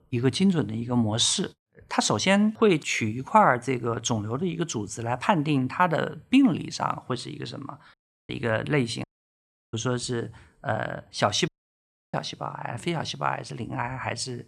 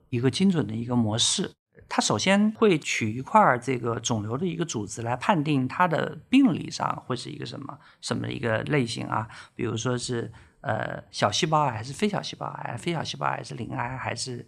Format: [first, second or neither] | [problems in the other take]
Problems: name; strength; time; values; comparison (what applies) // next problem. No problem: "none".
second | audio cutting out; at 8 s, at 9 s for 0.5 s and at 11 s for 0.5 s